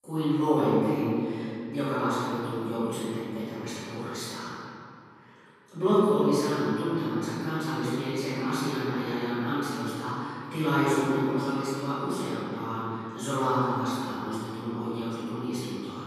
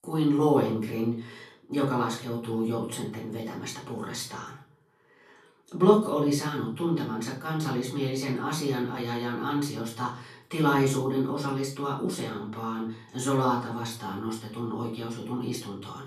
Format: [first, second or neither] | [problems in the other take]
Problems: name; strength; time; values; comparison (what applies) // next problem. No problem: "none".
second | room echo; strong; dies away in 2.4 s; slight in the second // off-mic speech; far; far in the second